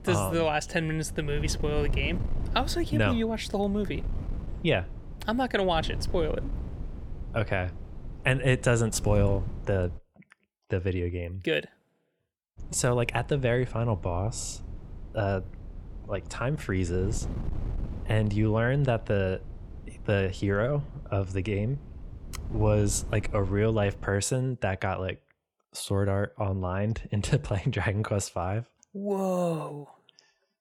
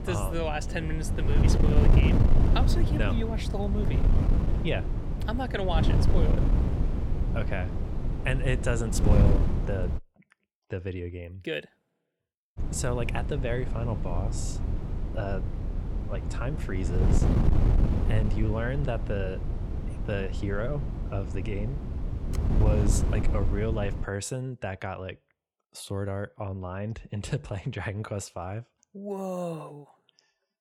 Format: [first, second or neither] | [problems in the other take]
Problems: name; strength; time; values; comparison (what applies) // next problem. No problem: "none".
first | wind noise on the microphone; heavy; until 10 s and from 13 to 24 s; 4 dB below the speech; occasional gusts in the first